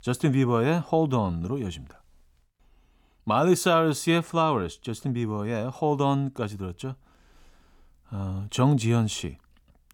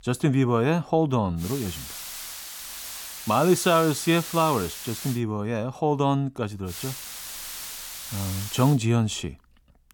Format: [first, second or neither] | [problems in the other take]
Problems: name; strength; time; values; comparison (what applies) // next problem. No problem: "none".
first | hiss; noticeable; from 1.5 to 5 s and from 6.5 to 8.5 s; 10 dB below the speech